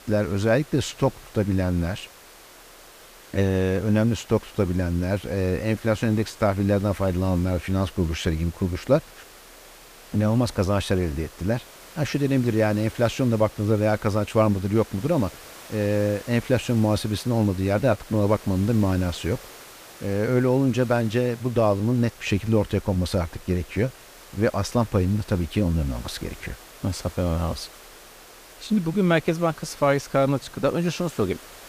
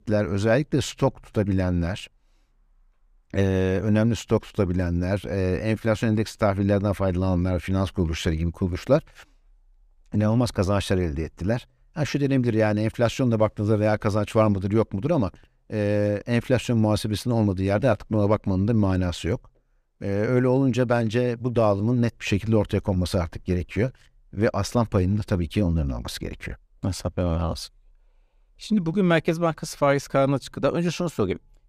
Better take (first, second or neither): second